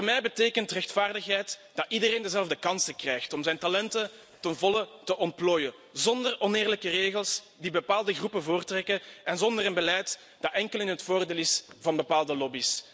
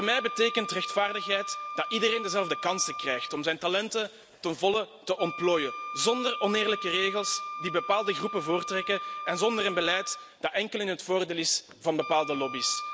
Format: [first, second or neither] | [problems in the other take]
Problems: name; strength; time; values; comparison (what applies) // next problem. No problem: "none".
first | background sound (Wind instrument, woodwind instrument); 9 dB below the speech